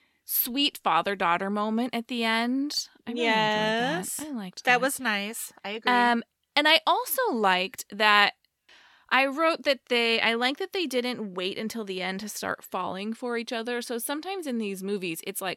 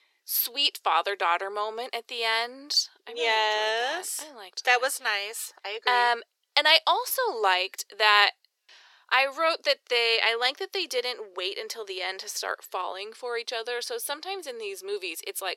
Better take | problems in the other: first | thin; very; fading below 400 Hz

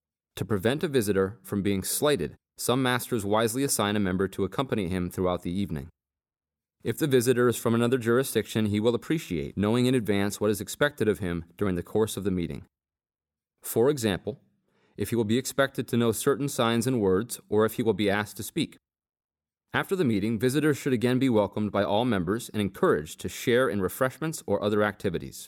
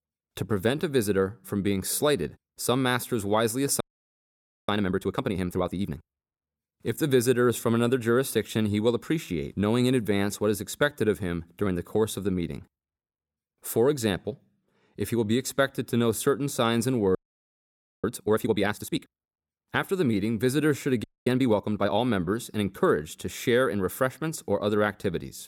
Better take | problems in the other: first | audio freezing; at 4 s for 1 s, at 17 s for 1 s and at 21 s

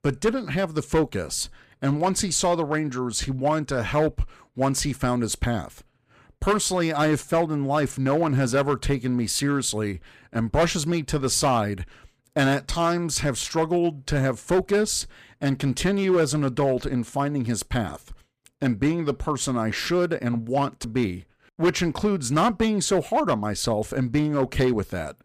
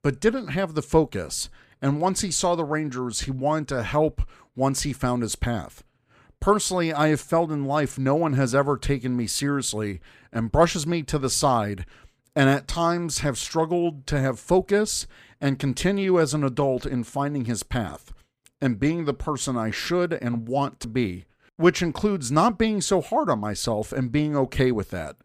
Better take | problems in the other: second | distortion; slight; 4% of the sound clipped

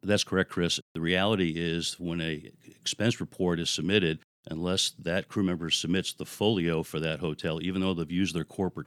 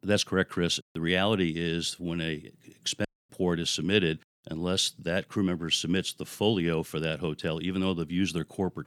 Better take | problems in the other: first | audio cutting out; at 3 s

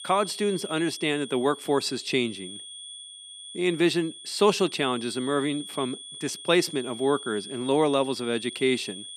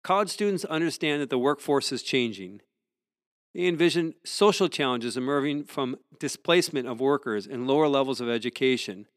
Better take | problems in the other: second | high-pitched whine; noticeable; throughout; 3.5 kHz, 15 dB below the speech

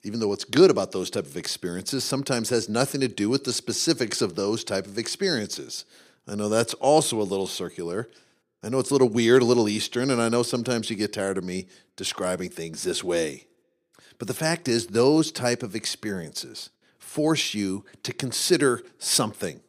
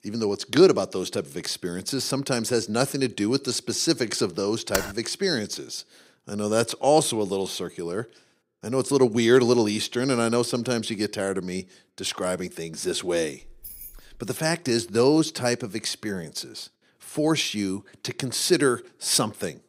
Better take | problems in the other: first | keyboard typing; noticeable; at 4.5 s; peak 5 dB below the speech // jangling keys; faint; at 13 s; peak 15 dB below the speech

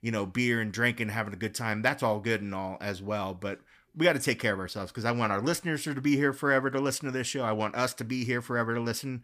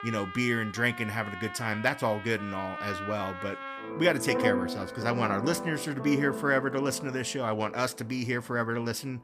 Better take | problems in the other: first | background music; loud; throughout; 7 dB below the speech

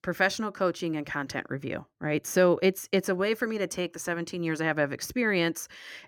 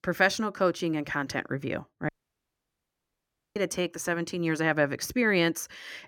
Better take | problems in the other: first | audio cutting out; at 2 s for 1.5 s

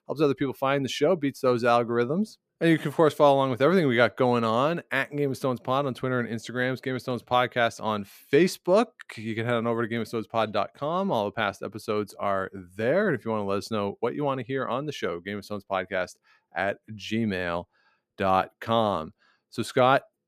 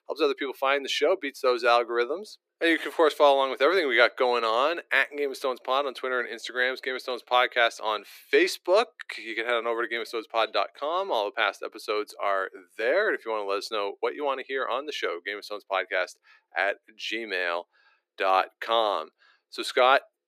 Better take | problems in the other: first | thin; very; fading below 350 Hz

